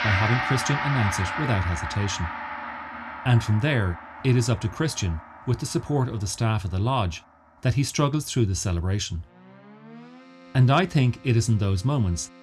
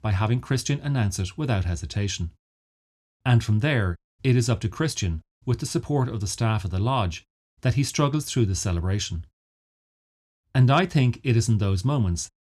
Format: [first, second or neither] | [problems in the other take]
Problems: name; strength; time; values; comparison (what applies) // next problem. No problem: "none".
second | background music; loud; throughout; 6 dB below the speech